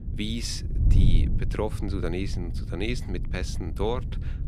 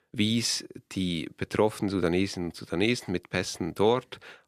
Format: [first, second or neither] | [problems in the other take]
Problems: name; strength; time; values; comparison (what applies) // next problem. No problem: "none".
second | wind noise on the microphone; heavy; 9 dB below the speech